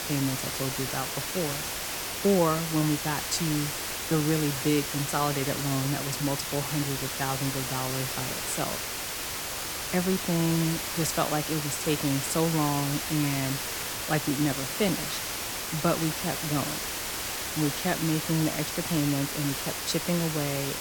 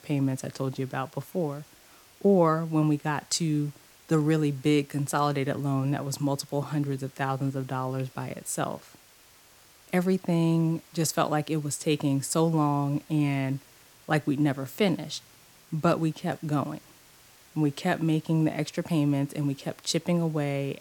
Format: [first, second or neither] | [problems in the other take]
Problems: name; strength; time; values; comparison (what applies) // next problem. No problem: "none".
second | hiss; loud; throughout; 1 dB below the speech; faint in the second